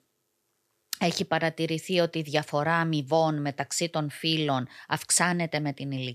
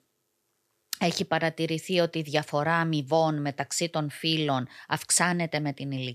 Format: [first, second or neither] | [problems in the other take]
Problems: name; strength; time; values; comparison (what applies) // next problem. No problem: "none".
neither | none